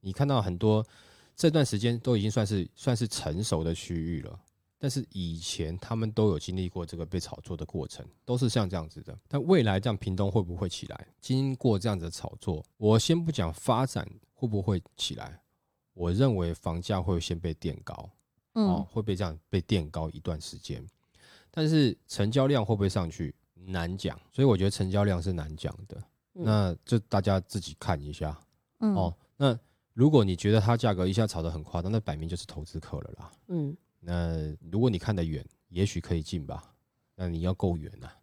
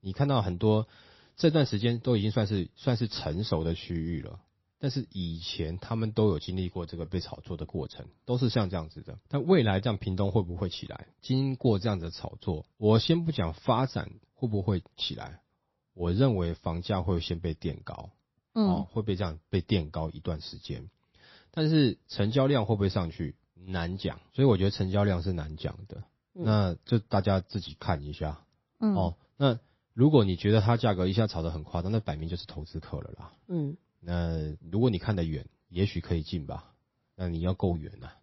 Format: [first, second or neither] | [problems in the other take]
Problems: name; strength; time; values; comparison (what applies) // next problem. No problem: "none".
first | garbled, watery; slightly; nothing above 5.5 kHz